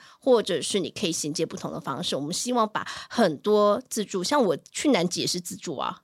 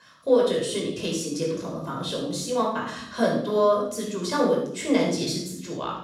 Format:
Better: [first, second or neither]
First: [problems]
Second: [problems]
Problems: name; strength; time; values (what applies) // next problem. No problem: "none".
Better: first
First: none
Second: off-mic speech; far // room echo; noticeable; dies away in 0.6 s